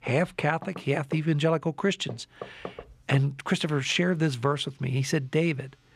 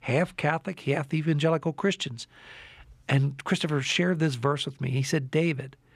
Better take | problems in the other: second | household noises; noticeable; throughout; 15 dB below the speech

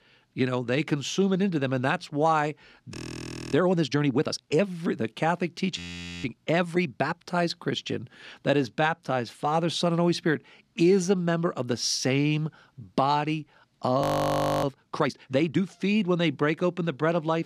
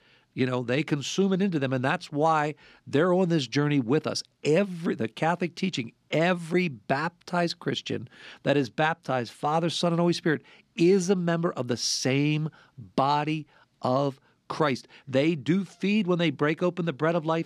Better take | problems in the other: second | audio freezing; at 3 s for 0.5 s, at 6 s and at 14 s for 0.5 s

